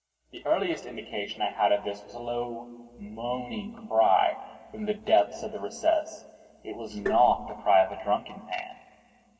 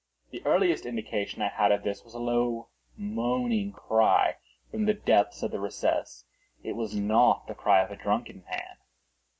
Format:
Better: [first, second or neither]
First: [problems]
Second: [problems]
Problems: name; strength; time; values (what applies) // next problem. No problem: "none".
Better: second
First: background sound (Tap); 7 dB below the speech // room echo; dies away in 2.9 s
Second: none